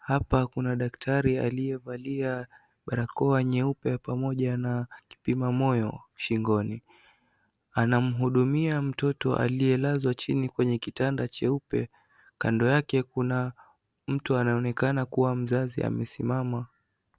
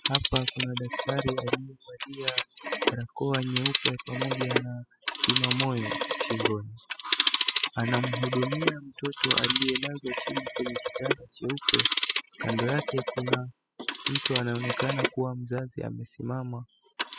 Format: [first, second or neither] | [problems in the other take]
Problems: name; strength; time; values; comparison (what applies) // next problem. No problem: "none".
first | noise reduction (classical method spectral subtraction)